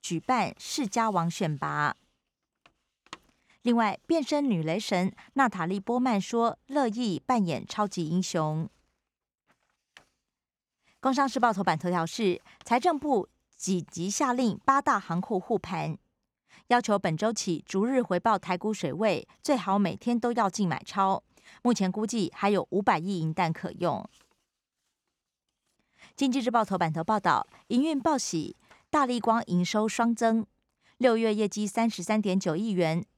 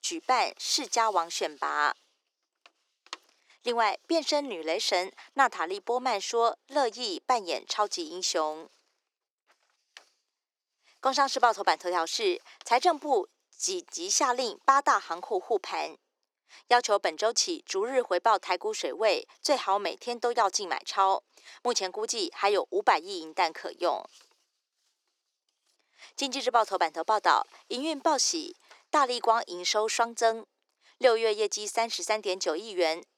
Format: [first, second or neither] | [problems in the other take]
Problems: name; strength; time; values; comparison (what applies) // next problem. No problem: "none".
first | thin; very; fading below 350 Hz